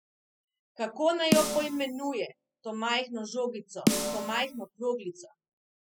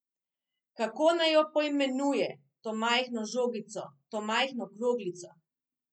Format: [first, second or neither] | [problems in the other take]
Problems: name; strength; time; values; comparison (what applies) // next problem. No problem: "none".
second | noise reduction (classical method spectral subtraction)